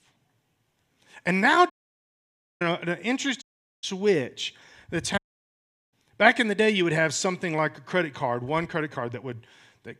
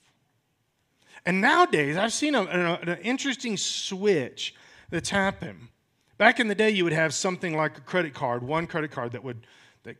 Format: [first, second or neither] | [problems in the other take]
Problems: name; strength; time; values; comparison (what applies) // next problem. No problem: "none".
second | audio cutting out; at 1.5 s for 1 s, at 3.5 s and at 5 s for 0.5 s